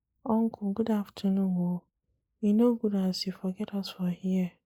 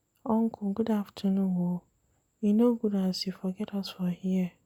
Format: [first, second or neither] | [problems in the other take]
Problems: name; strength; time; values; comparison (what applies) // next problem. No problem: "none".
second | noise reduction (neural mask model Resemble Enhance denoiser)